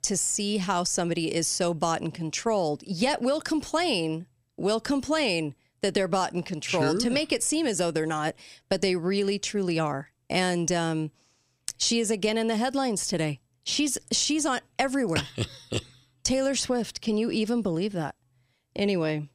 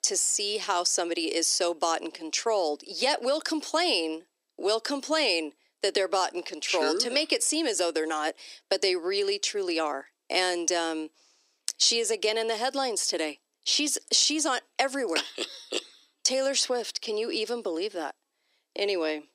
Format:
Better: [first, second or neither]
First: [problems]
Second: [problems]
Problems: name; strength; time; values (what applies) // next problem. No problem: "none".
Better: first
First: none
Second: thin; somewhat; fading below 300 Hz